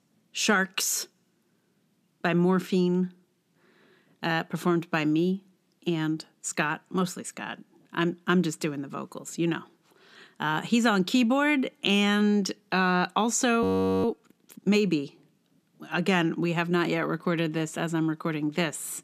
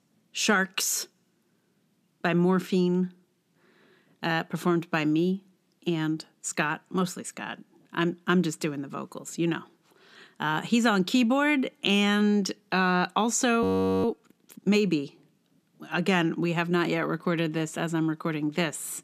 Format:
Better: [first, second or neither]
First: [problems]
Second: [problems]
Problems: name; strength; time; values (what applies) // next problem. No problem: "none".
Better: neither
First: audio freezing; at 14 s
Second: audio freezing; at 14 s